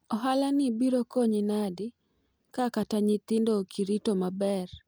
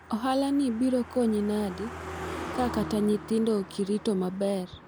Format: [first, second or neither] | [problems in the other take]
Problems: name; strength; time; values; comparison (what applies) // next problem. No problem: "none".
first | background sound (Car passing by); 12 dB below the speech